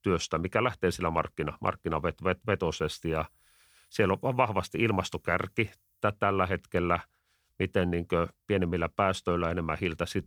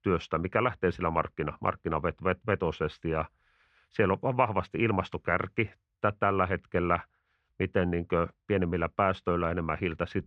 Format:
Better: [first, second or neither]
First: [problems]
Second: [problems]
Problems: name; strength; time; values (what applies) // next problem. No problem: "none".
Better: first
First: none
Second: muffled; very; fading above 2 kHz